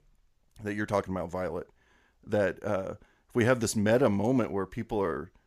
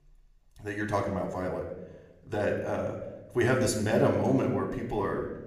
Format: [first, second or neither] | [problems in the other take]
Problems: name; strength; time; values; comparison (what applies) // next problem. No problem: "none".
first | room echo; slight; dies away in 0.9 s // off-mic speech; somewhat distant